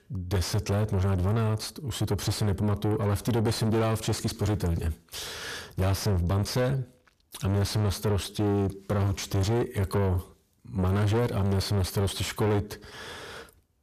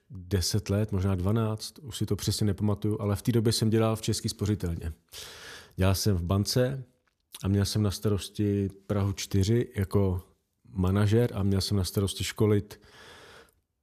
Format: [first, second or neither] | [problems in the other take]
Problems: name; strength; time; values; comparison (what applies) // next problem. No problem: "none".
second | distortion; heavy; 7 dB below the speech